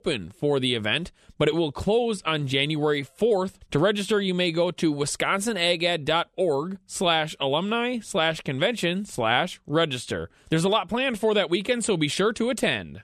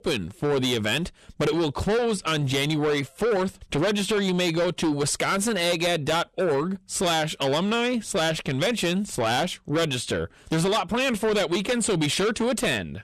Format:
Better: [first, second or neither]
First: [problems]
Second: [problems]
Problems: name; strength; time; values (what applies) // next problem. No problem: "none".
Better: first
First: none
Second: distortion; heavy; 7 dB below the speech